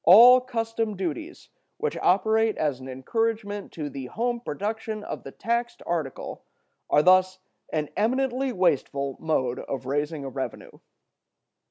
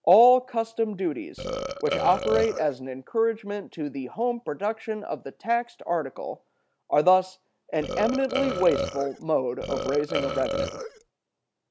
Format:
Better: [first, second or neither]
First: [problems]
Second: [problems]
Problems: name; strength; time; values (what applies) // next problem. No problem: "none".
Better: first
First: none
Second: background sound (Burping, eructation); 5 dB below the speech